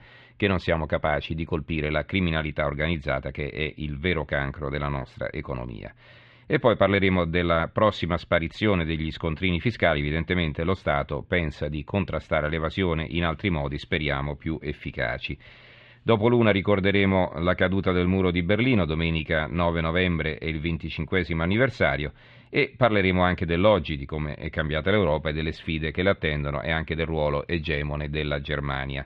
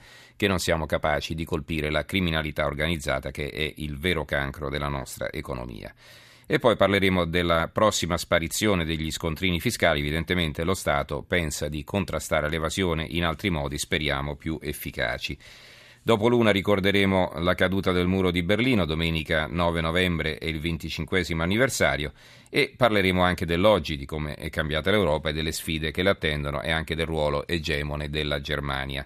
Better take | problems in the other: second | muffled; slightly; fading above 3 kHz

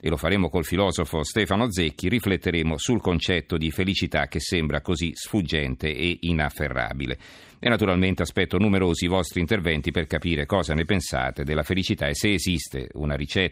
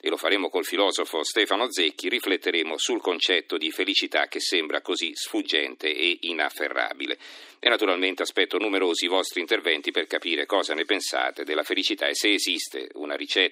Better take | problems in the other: first | thin; somewhat; fading below 300 Hz

